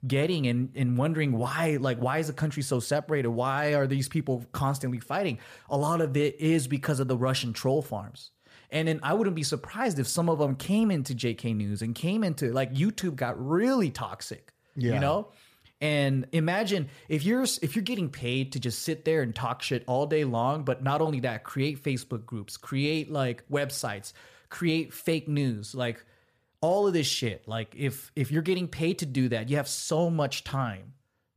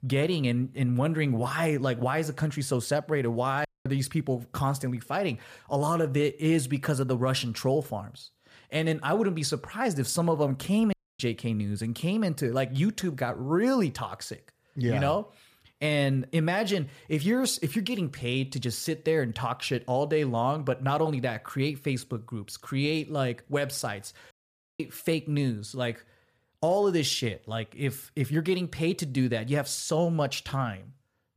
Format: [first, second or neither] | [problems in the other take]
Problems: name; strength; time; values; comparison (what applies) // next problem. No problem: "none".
first | audio cutting out; at 3.5 s, at 11 s and at 24 s